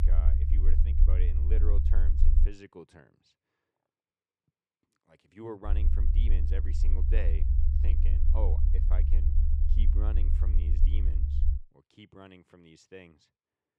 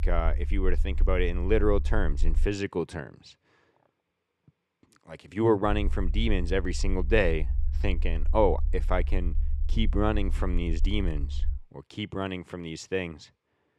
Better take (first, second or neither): second